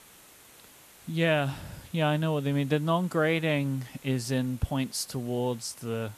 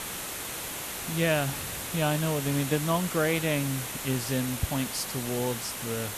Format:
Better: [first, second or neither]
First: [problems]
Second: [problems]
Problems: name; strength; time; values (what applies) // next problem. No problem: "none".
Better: first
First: hiss; faint; throughout; 25 dB below the speech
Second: hiss; loud; throughout; 4 dB below the speech